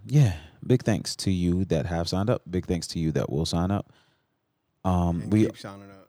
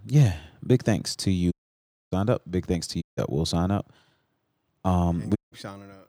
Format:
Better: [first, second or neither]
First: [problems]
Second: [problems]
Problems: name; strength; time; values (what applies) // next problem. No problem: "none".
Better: first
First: none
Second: audio cutting out; at 1.5 s for 0.5 s, at 3 s and at 5.5 s